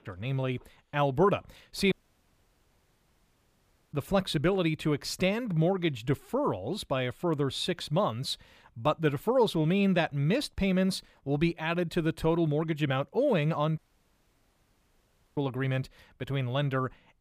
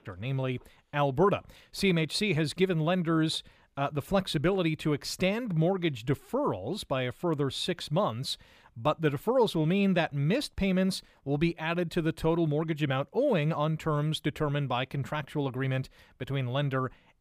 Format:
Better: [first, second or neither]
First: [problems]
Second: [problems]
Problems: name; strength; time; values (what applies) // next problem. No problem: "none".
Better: second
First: audio cutting out; at 2 s for 2 s and at 14 s for 1.5 s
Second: none